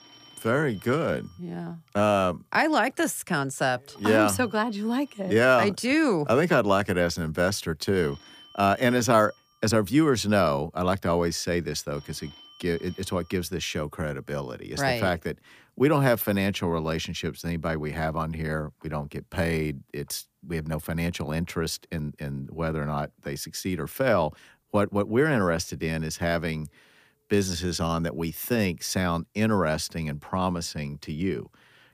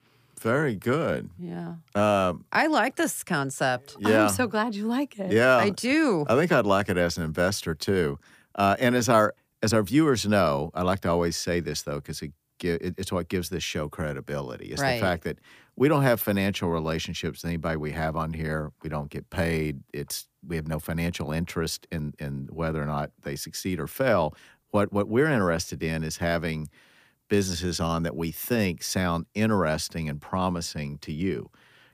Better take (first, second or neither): second